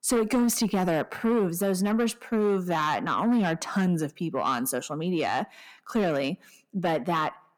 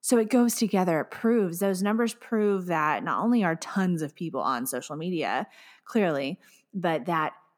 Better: second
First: distortion; slight; 10 dB below the speech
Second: none

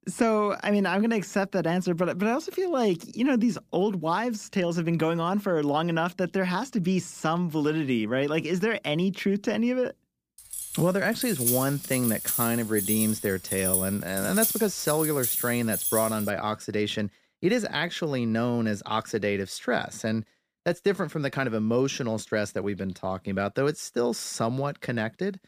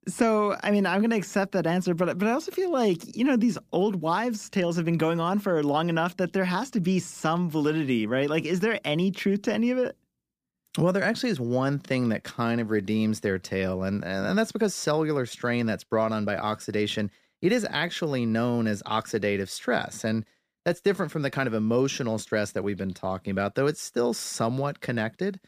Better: second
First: jangling keys; loud; from 11 to 16 s; peak 2 dB above the speech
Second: none

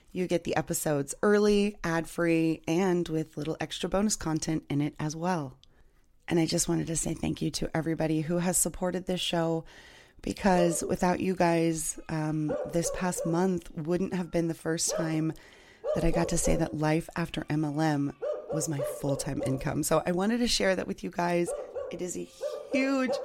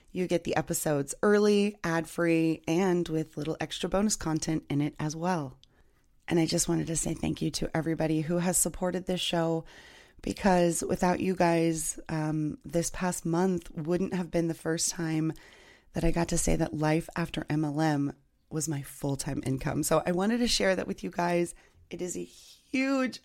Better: second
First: animal sounds; loud; throughout; 8 dB below the speech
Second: none

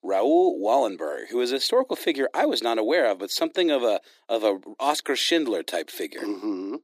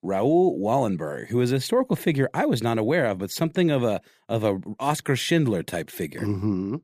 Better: second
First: thin; somewhat; fading below 300 Hz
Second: none

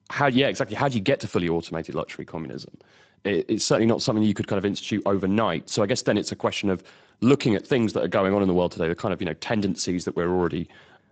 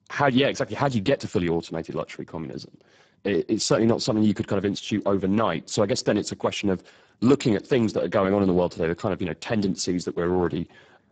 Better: first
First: garbled, watery; slightly; nothing above 8 kHz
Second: garbled, watery; badly; nothing above 8 kHz

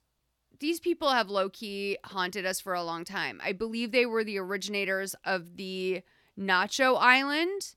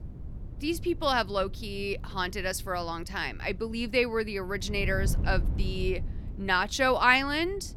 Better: first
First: none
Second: wind noise on the microphone; occasional gusts; 25 dB below the speech

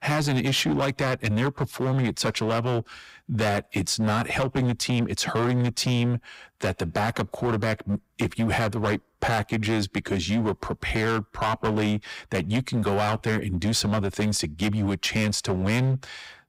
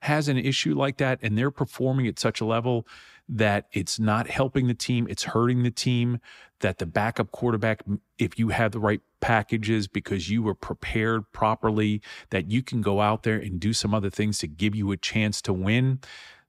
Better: second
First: distortion; heavy; 17% of the sound clipped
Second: none

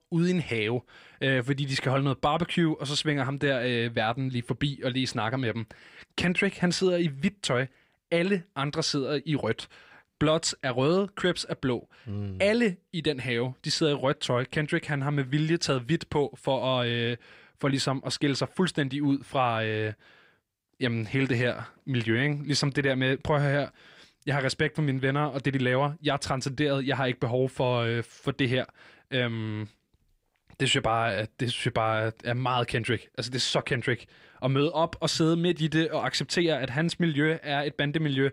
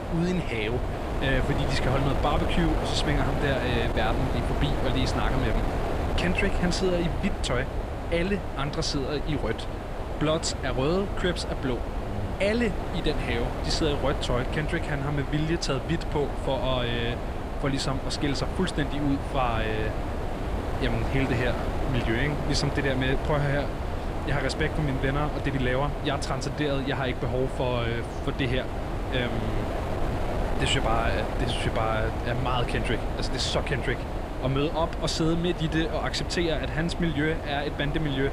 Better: first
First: none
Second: wind noise on the microphone; heavy; 4 dB below the speech

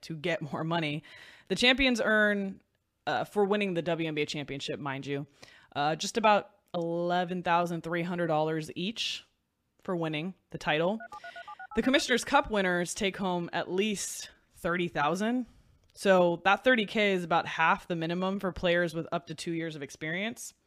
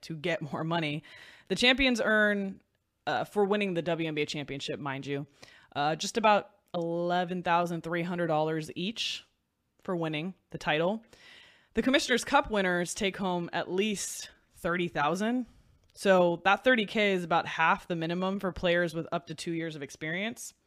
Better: second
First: phone ringing; faint; from 11 to 12 s; peak 15 dB below the speech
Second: none

